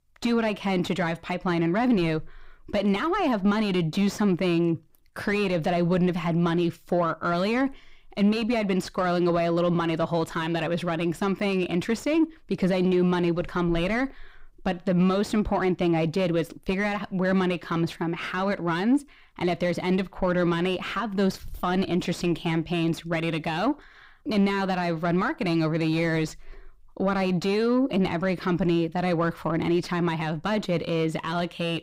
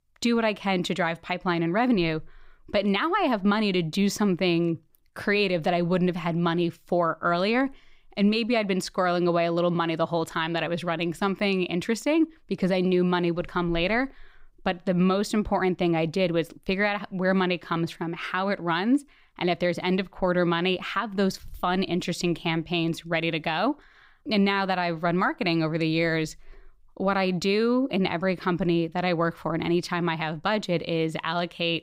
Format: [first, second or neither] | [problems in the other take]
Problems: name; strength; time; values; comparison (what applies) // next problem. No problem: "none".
second | distortion; slight; 10 dB below the speech